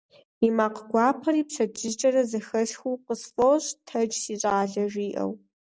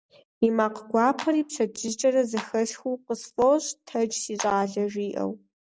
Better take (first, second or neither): first